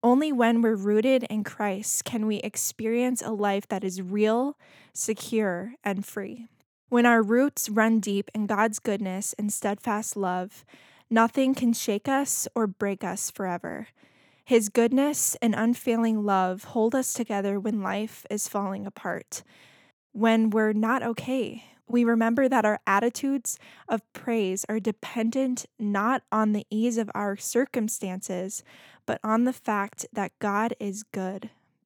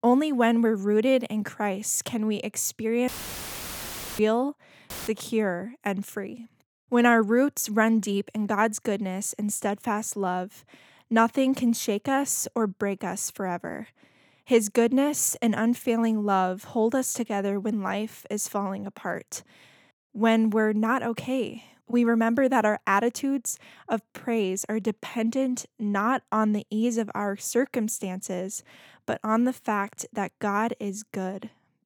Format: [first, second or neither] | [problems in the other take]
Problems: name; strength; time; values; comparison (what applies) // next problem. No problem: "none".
first | audio cutting out; filled with static; at 3 s for 1 s and at 5 s